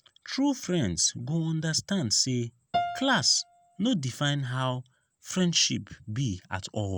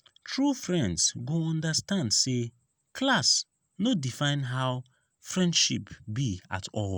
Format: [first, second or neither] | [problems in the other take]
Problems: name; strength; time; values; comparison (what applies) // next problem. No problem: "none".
second | background sound (Piano); 10 dB below the speech